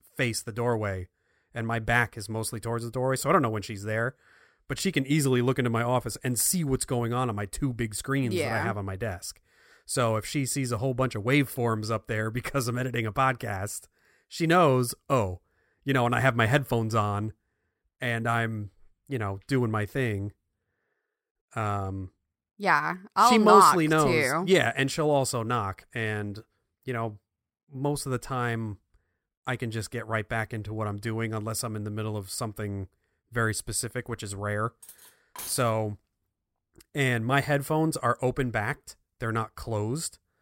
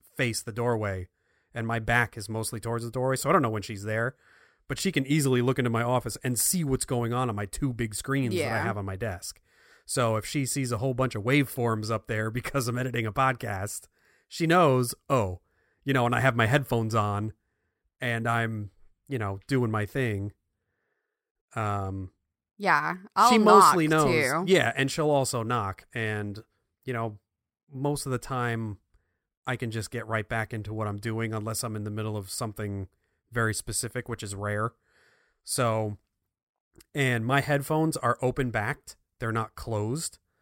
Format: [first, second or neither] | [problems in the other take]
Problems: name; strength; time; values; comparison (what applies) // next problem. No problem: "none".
second | clattering dishes; faint; at 35 s; peak 10 dB below the speech